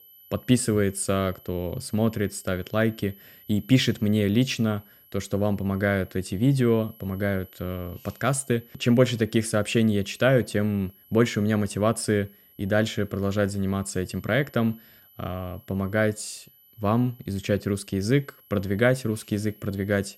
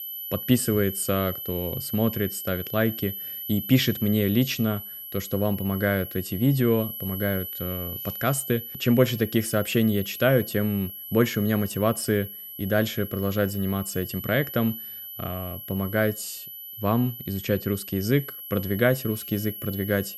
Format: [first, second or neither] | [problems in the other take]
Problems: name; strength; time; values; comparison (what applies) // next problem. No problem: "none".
first | high-pitched whine; loud; throughout; 12 kHz, 8 dB below the speech; faint in the first